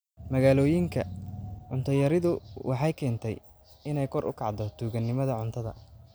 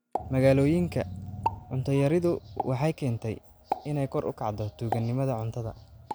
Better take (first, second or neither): first